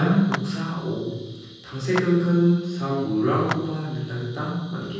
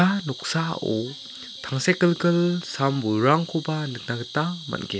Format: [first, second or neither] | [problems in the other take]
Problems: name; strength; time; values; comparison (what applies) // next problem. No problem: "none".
second | background sound (Clapping); 15 dB below the speech // room echo; dies away in 1.3 s